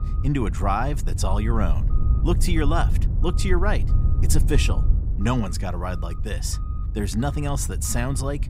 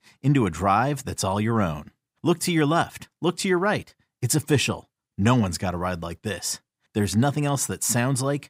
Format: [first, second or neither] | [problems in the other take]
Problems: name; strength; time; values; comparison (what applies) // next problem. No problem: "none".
second | low rumble; noticeable; throughout; 10 dB below the speech